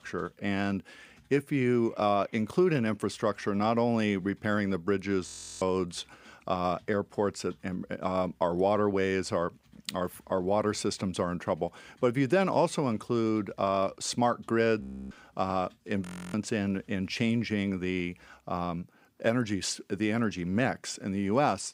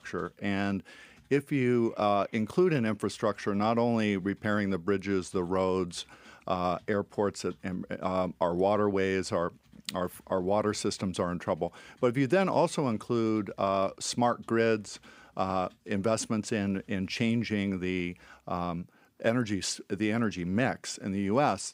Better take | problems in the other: second | audio freezing; at 5.5 s, at 15 s and at 16 s

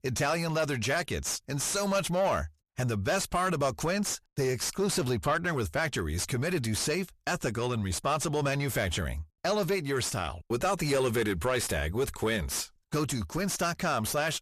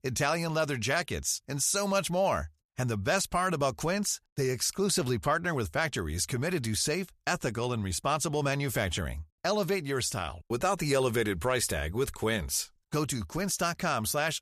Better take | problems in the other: second | distortion; slight; 10 dB below the speech

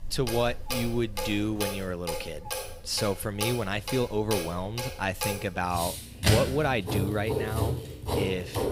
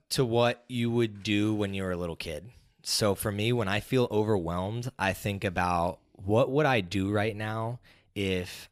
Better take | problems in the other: second | household noises; loud; throughout; 2 dB below the speech

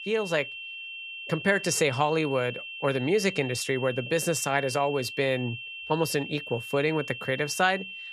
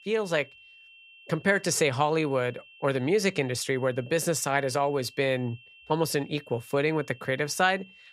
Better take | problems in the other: second | high-pitched whine; loud; throughout; 2.5 kHz, 9 dB below the speech; faint in the second

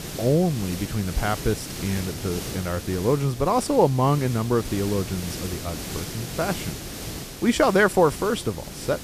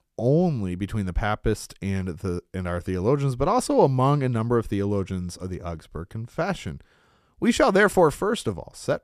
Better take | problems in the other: second | hiss; loud; throughout; 10 dB below the speech

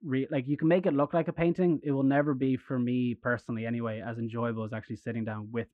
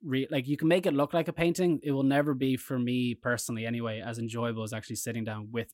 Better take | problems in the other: second | muffled; very; fading above 1.5 kHz

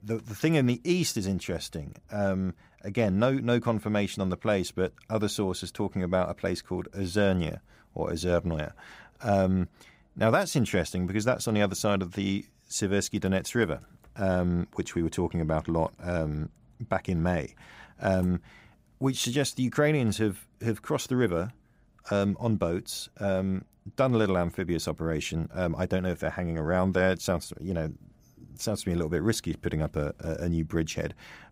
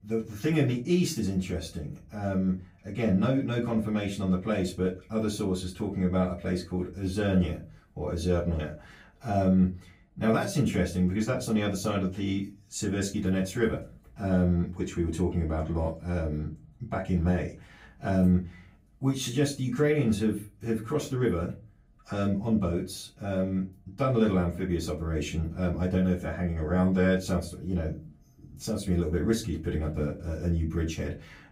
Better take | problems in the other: first | off-mic speech; far // room echo; very slight; dies away in 0.3 s

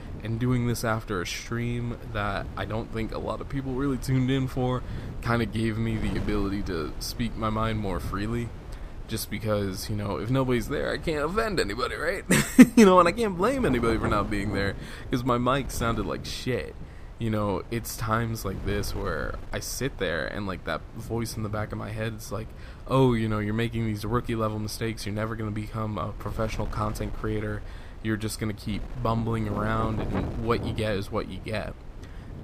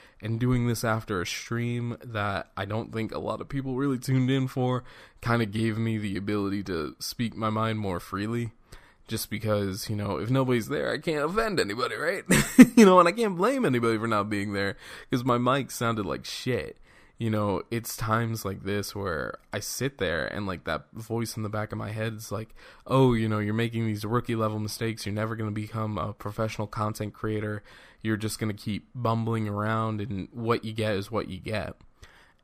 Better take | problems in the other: second | wind noise on the microphone; occasional gusts; 15 dB below the speech

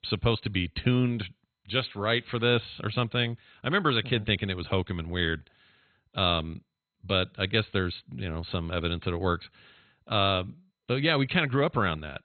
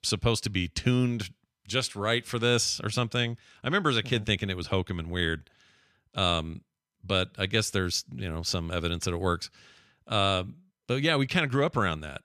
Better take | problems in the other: second | garbled, watery; badly; nothing above 4 kHz

